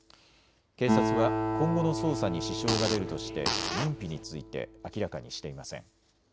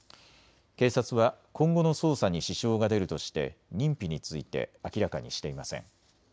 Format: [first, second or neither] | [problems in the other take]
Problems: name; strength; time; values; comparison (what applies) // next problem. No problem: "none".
second | background sound (Acoustic guitar + Fart); as loud as the speech